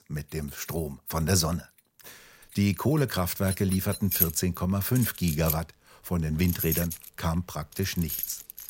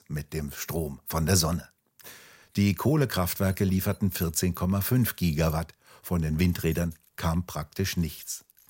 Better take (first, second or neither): second